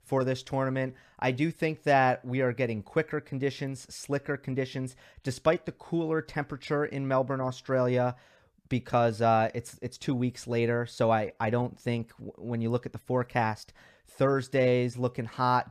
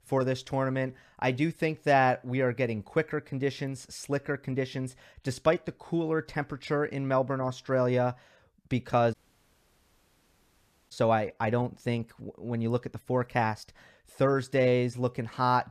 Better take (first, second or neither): first